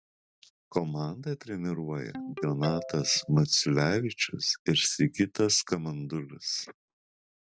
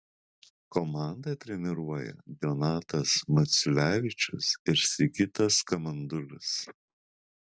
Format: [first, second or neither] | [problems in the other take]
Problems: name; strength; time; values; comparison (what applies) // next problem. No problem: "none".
second | background sound (Ringtone); 17 dB below the speech